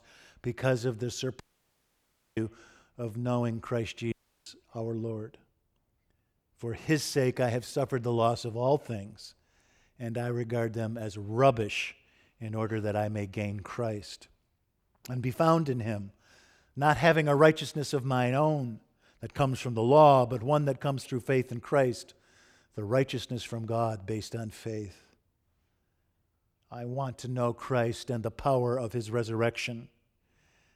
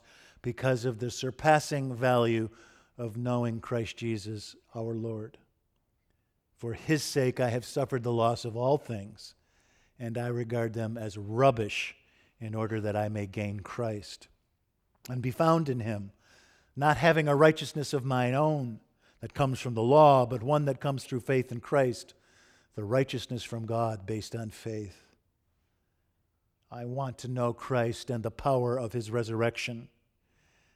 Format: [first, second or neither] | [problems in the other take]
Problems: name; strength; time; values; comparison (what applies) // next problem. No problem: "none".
second | audio cutting out; at 1.5 s for 1 s and at 4 s